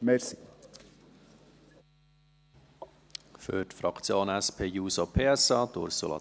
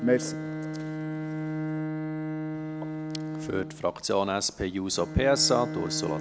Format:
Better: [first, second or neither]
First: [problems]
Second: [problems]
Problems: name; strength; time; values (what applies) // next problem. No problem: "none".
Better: first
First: none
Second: background sound (Bowed string instrument); 4 dB below the speech